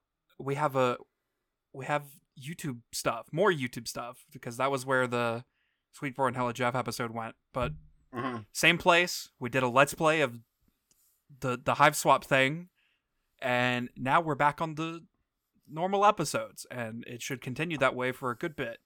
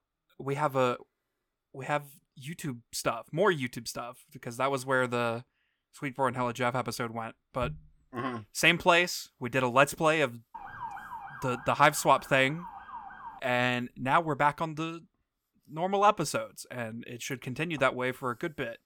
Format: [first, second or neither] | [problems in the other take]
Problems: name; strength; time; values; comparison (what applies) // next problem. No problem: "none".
first | siren; faint; from 11 to 13 s; peak 10 dB below the speech